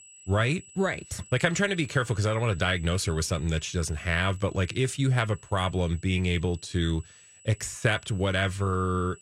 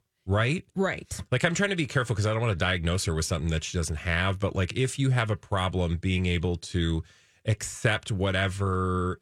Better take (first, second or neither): second